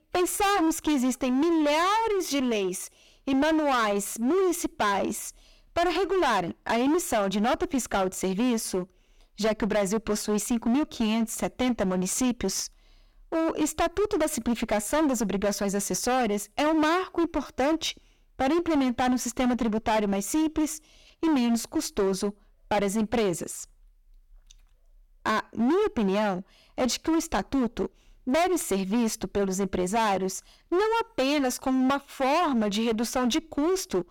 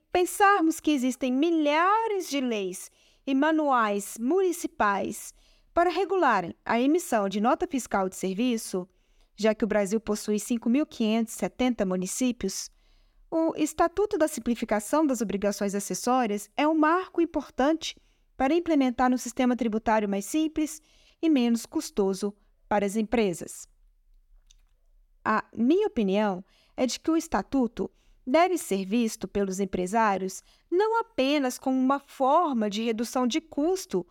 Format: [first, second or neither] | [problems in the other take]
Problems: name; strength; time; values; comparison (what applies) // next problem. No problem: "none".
second | distortion; heavy; 19% of the sound clipped